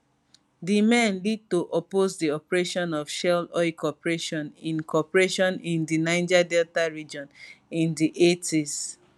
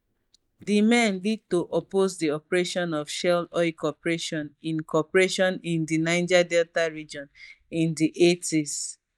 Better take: first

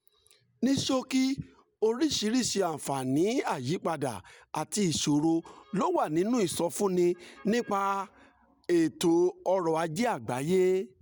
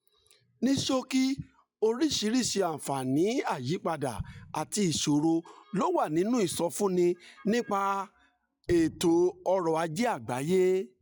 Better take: first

